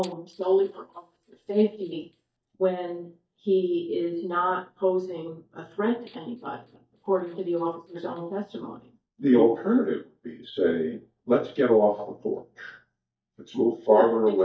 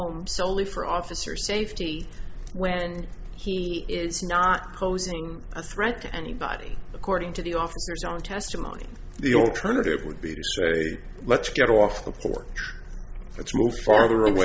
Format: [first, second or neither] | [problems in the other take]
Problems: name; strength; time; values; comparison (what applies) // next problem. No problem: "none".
second | noise reduction (neural mask model DeepFilterNet 3)